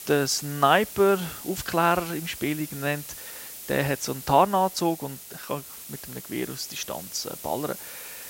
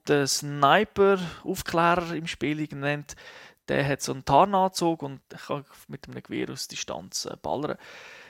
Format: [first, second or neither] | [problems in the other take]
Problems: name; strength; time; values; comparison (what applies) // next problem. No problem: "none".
second | hiss; noticeable; throughout; 10 dB below the speech